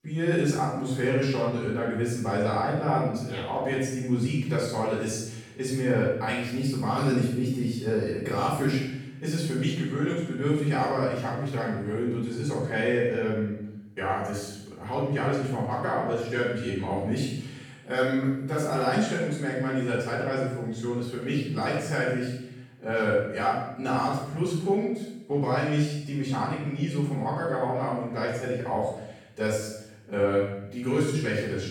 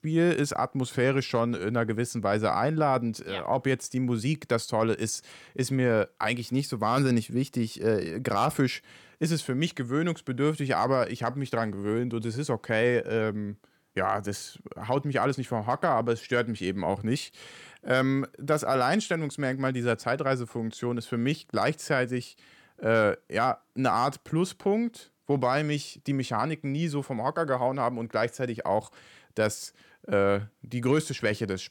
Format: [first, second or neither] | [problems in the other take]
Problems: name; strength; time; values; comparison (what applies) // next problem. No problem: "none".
second | off-mic speech; far // room echo; strong; dies away in 0.8 s